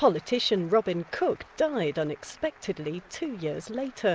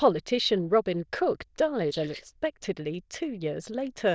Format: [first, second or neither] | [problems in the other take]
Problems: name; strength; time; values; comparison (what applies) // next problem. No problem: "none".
first | noise reduction (neural diffusion model UNIVERSE++)